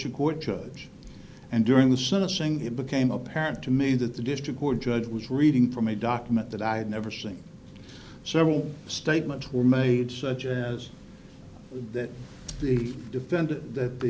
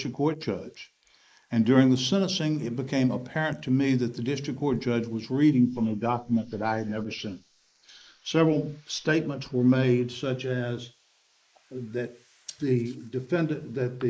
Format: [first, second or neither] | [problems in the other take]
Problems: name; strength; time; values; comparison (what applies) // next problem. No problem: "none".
first | noise reduction (neural mask model Resemble Enhance denoiser)